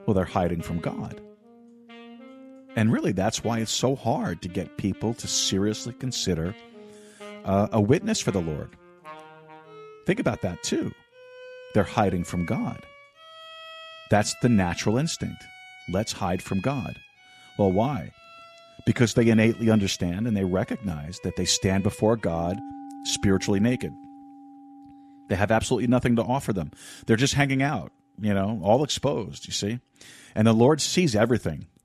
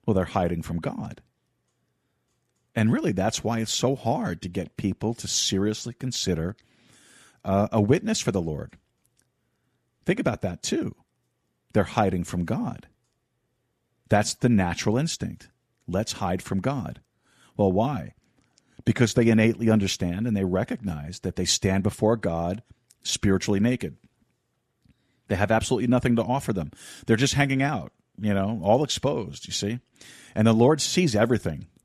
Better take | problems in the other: second | background music; faint; throughout; 20 dB below the speech

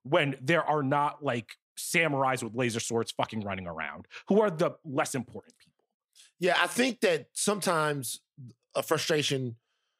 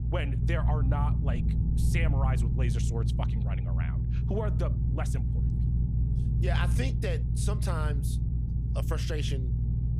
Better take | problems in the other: first | low rumble; loud; throughout; 5 dB below the speech

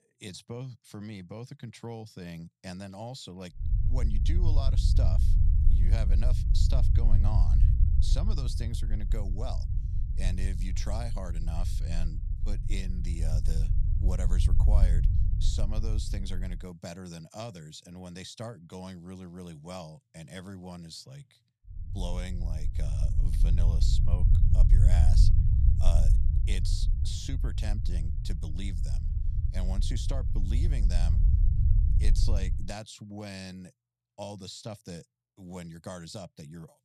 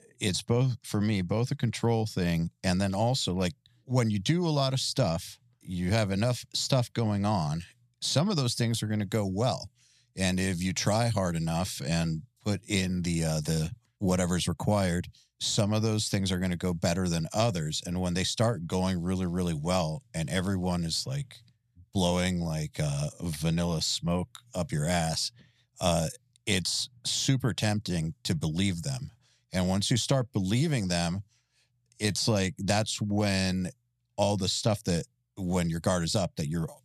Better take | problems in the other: second | low rumble; loud; from 3.5 to 17 s and from 22 to 33 s; 3 dB below the speech

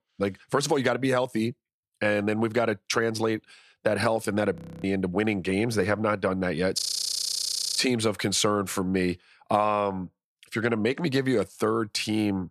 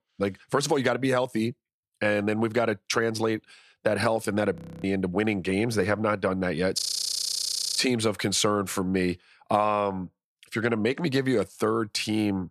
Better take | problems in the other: neither | audio freezing; at 4.5 s and at 7 s for 1 s; the same in both

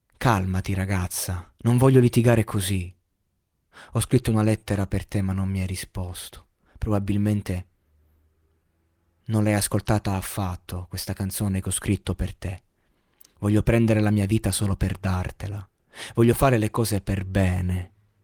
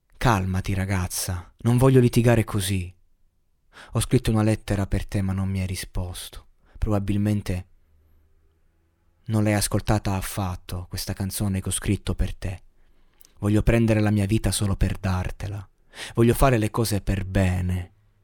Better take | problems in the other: second | garbled, watery; slightly; nothing above 17.5 kHz

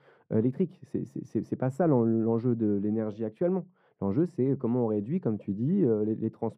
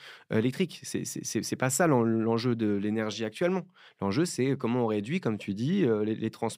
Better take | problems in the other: second | muffled; very; fading above 1.5 kHz

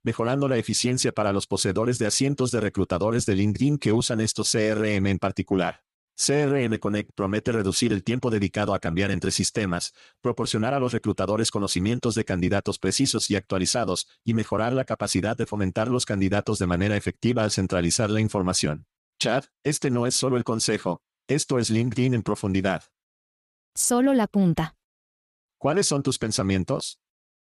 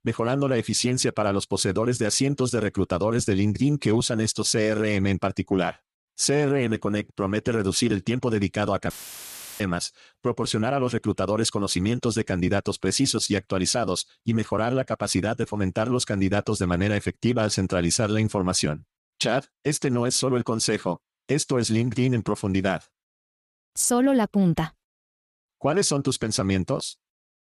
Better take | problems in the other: first | audio cutting out; filled with static; at 9 s for 0.5 s

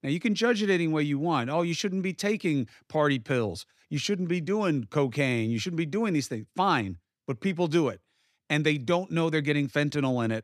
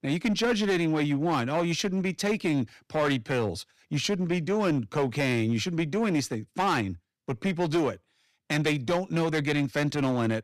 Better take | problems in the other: first | distortion; slight; 10% of the sound clipped

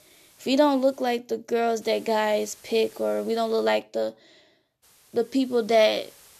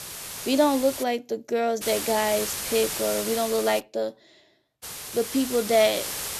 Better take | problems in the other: first | hiss; loud; until 1 s, from 2 to 4 s and from 5 s on; 6 dB below the speech; faint in the first

